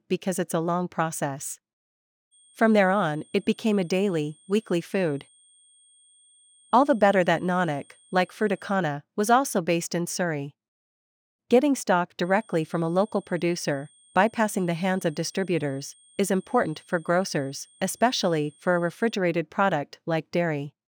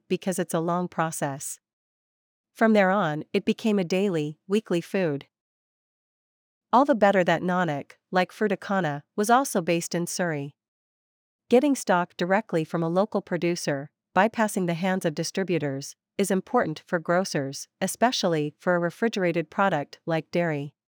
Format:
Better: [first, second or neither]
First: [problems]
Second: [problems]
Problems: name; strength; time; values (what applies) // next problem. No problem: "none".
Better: second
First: high-pitched whine; faint; from 2.5 to 8.5 s and from 12 to 19 s; 8.5 kHz, 30 dB below the speech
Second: none